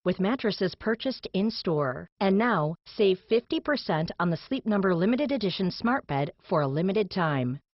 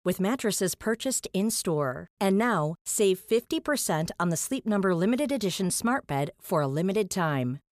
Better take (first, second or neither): second